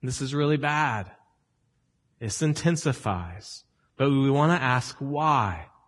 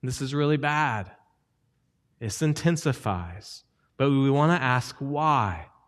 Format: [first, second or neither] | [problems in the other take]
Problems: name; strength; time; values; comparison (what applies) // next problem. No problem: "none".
second | garbled, watery; badly; nothing above 10.5 kHz